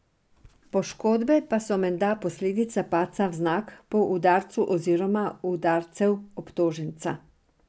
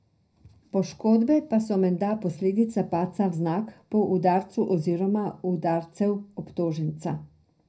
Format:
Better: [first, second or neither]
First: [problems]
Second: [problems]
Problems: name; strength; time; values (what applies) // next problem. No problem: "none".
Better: first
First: none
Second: room echo; dies away in 0.4 s